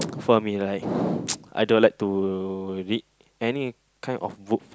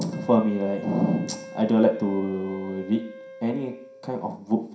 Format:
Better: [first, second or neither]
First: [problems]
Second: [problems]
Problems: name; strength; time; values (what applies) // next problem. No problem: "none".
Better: first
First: none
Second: background sound (Wind instrument, woodwind instrument); 17 dB below the speech // room echo; dies away in 0.5 s